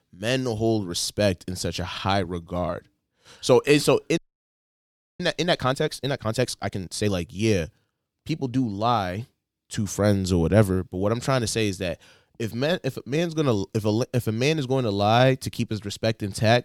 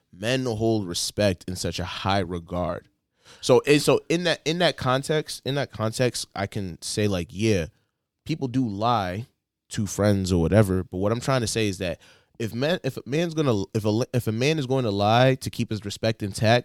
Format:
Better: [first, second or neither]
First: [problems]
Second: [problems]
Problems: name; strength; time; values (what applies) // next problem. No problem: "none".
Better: second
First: audio freezing; at 4 s for 1 s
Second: none